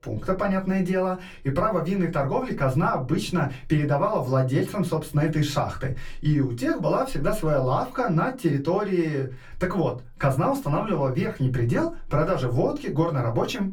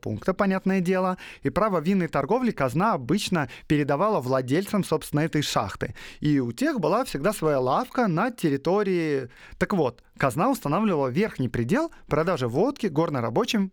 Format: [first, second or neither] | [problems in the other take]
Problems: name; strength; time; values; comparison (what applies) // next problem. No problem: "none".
second | off-mic speech; far // room echo; very slight; dies away in 0.2 s